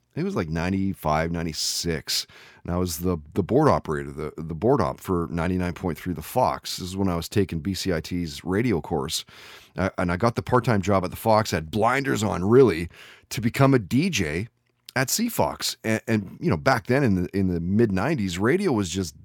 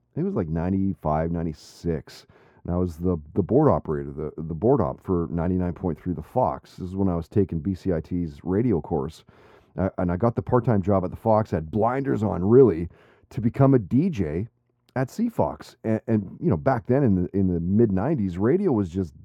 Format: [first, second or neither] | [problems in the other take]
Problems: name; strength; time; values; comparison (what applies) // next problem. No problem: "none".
first | muffled; very; fading above 1.5 kHz